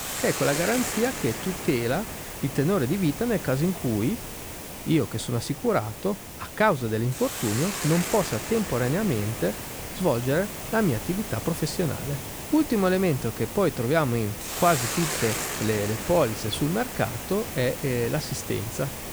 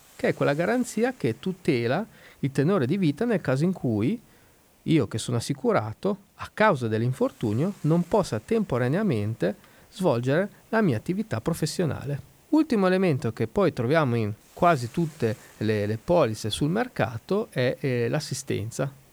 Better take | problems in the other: second | hiss; loud; throughout; 6 dB below the speech; faint in the second

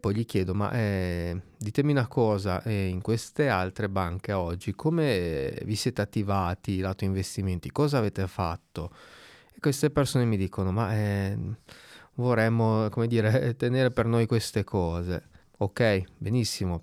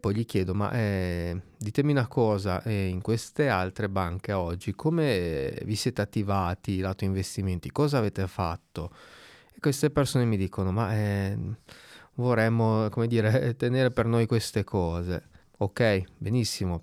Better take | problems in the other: neither | none

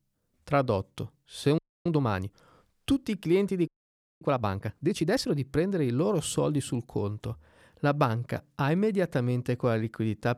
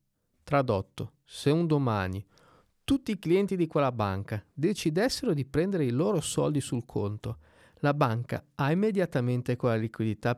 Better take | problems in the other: second | audio freezing; at 1.5 s and at 3.5 s for 0.5 s

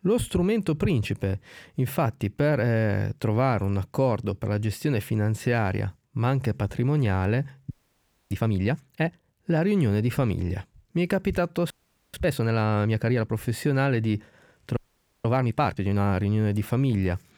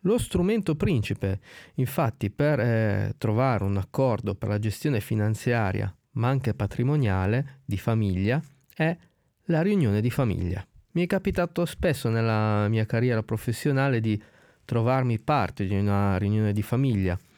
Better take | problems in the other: second | audio freezing; at 7.5 s for 0.5 s, at 12 s and at 15 s

